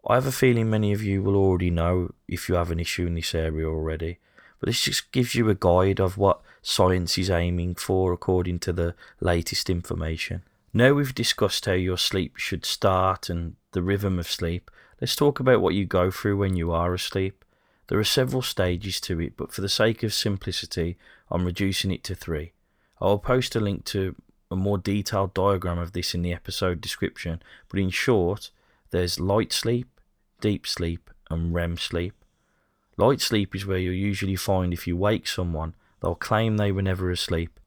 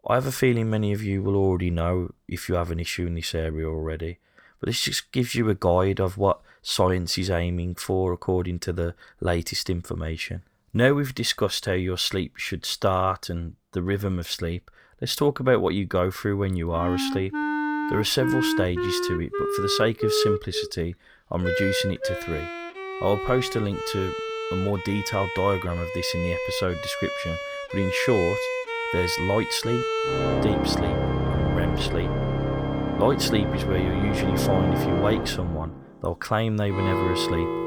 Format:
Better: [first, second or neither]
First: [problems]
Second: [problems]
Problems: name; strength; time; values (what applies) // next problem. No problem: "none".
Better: first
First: none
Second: background music; loud; from 17 s on; 1 dB below the speech